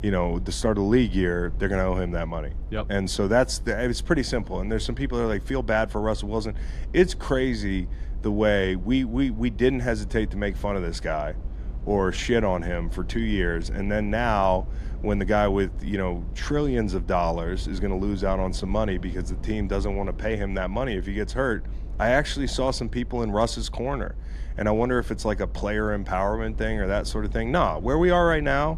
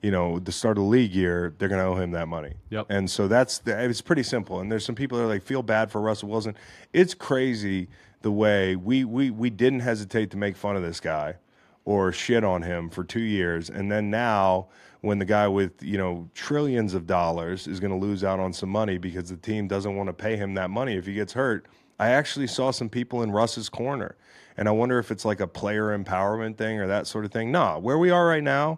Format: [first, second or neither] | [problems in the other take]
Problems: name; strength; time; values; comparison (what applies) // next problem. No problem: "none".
second | low rumble; faint; throughout; 25 dB below the speech